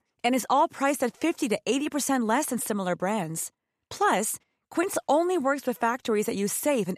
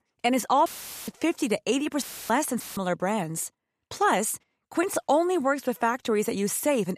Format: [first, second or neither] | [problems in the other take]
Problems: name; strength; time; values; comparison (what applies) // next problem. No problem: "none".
first | audio cutting out; filled with static; at 0.5 s, at 2 s and at 2.5 s